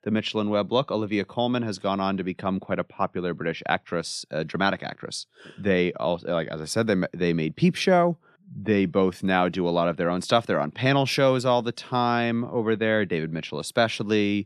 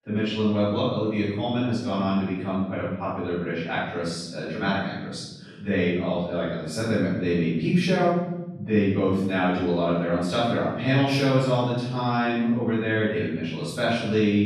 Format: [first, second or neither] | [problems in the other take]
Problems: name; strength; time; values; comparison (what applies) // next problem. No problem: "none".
first | off-mic speech; far // room echo; strong; dies away in 1.2 s